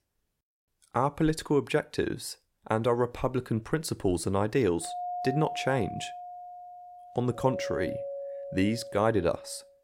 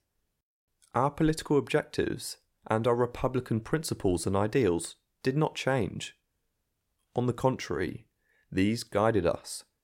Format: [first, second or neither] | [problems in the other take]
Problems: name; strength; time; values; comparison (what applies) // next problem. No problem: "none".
second | doorbell; noticeable; from 5 s on; peak 5 dB below the speech